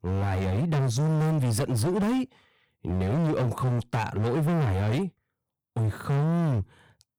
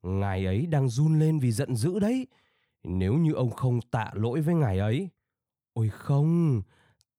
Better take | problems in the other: second | distortion; heavy; 31% of the sound clipped

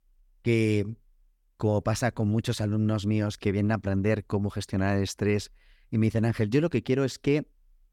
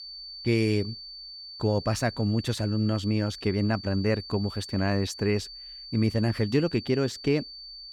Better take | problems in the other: first | high-pitched whine; noticeable; throughout; 4.5 kHz, 10 dB below the speech

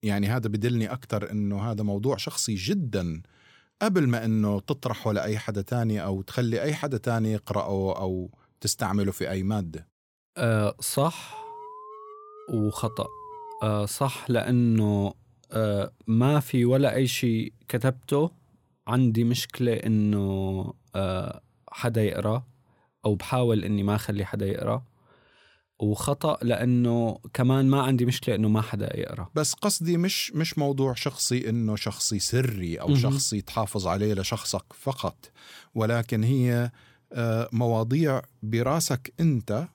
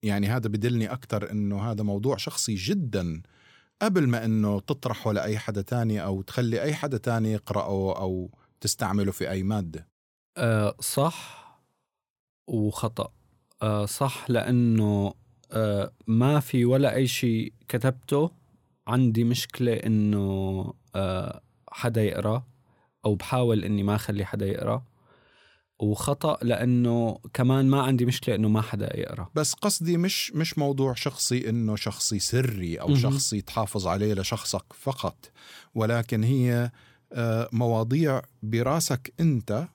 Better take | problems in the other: second | alarm; faint; from 11 to 14 s; peak 15 dB below the speech

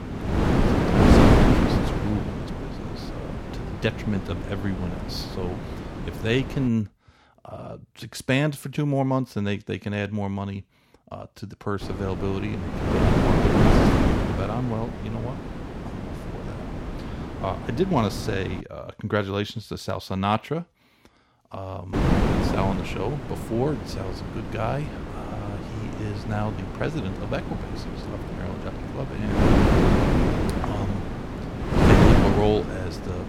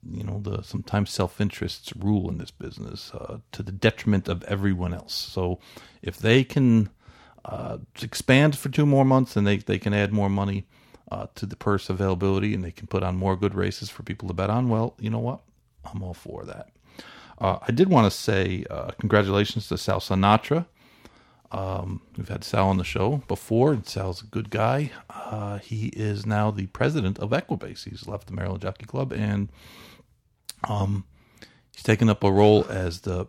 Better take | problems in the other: second | wind noise on the microphone; heavy; until 6.5 s, from 12 to 19 s and from 22 s on; 3 dB above the speech

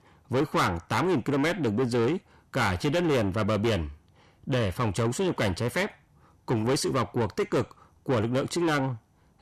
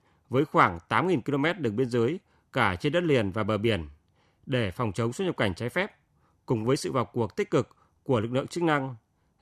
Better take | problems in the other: second | distortion; heavy; 7 dB below the speech

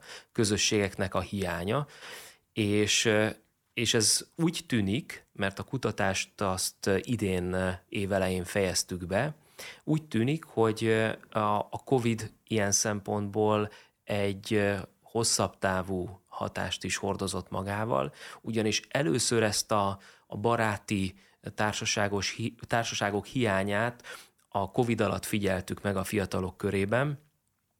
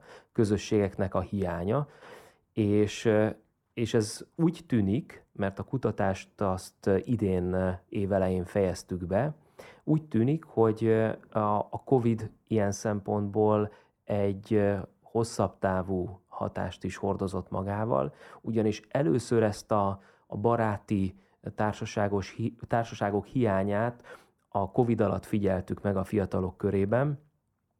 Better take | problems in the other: first | muffled; slightly; fading above 1.5 kHz

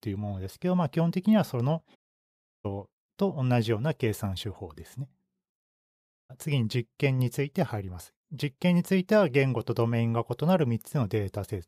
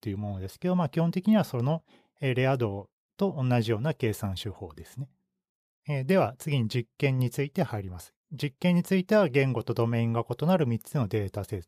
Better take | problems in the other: second | audio cutting out; at 2 s for 0.5 s and at 5.5 s for 0.5 s

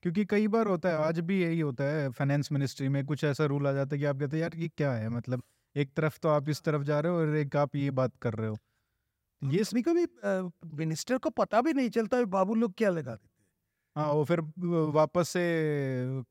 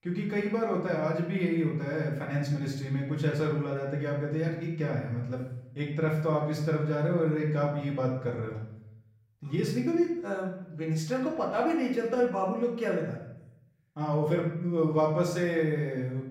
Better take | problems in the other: first | off-mic speech; far // room echo; noticeable; dies away in 0.7 s

